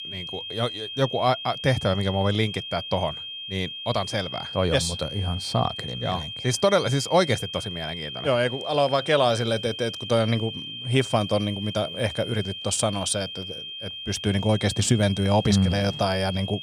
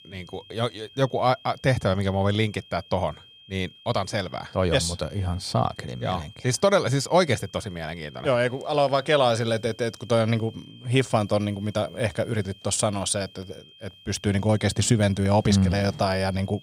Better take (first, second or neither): second